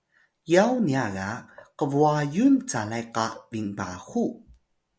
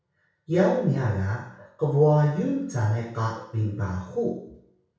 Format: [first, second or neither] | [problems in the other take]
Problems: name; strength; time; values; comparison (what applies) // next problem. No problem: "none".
first | room echo; dies away in 0.6 s